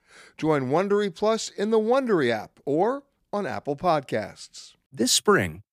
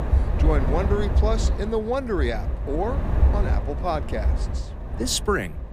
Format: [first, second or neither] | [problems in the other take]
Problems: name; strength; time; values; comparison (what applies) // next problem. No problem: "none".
first | wind noise on the microphone; heavy; 8 dB below the speech